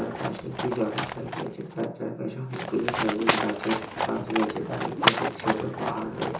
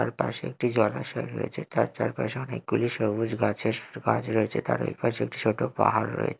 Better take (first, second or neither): second